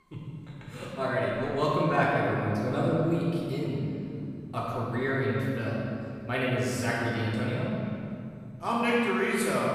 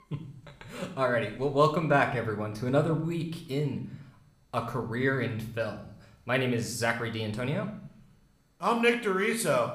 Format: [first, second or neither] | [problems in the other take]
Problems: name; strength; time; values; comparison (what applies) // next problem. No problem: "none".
second | room echo; strong; dies away in 2.8 s; slight in the second // off-mic speech; far